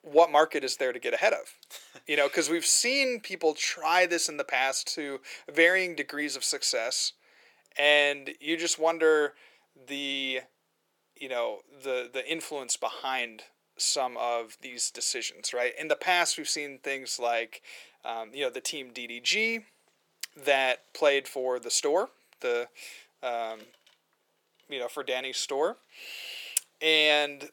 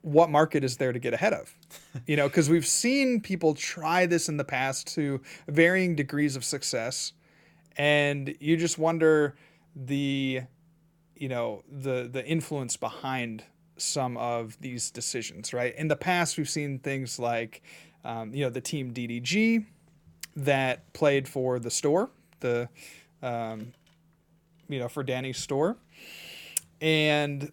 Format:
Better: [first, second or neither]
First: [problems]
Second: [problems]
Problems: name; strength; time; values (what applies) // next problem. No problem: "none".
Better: second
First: thin; very; fading below 450 Hz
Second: none